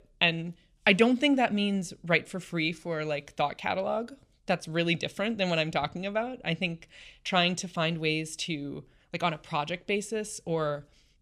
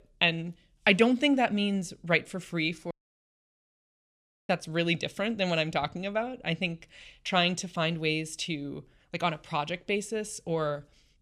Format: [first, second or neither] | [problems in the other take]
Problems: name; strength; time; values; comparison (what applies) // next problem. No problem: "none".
first | audio cutting out; at 3 s for 1.5 s